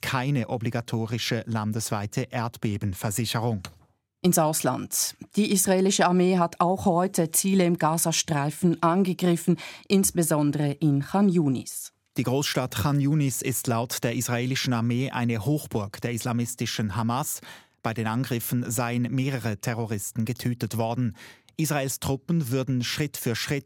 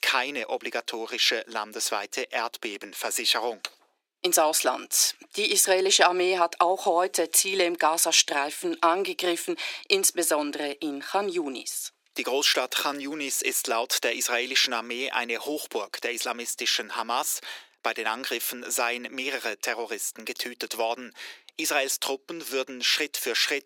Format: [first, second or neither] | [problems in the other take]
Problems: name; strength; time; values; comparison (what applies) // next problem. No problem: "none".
first | thin; very; fading below 350 Hz